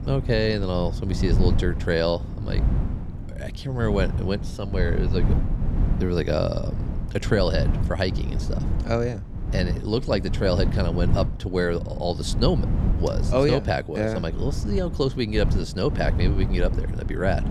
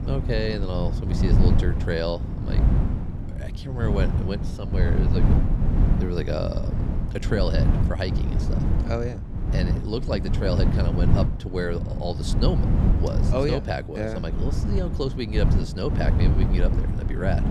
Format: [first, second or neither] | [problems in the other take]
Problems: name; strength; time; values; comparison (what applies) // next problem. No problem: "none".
first | wind noise on the microphone; heavy; 4 dB below the speech; occasional gusts in the first